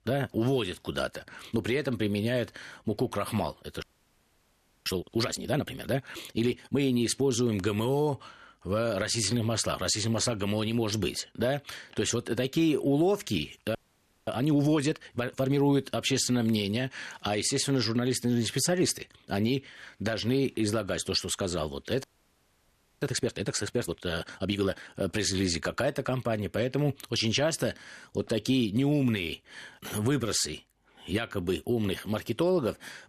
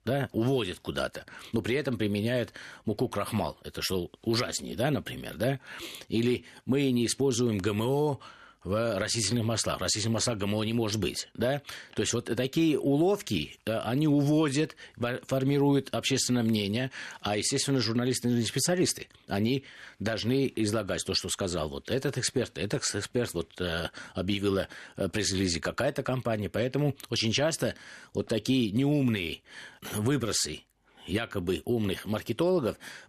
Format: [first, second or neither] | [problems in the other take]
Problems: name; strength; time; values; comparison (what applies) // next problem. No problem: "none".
second | audio freezing; at 4 s for 1 s, at 14 s for 0.5 s and at 22 s for 1 s